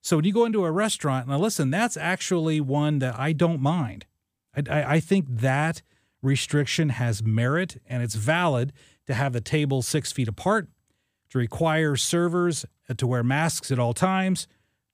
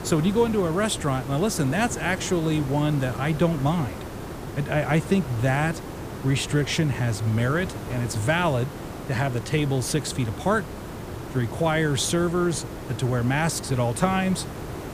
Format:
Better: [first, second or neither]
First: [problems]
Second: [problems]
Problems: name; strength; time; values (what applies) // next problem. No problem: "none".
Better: first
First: none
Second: hiss; noticeable; throughout; 10 dB below the speech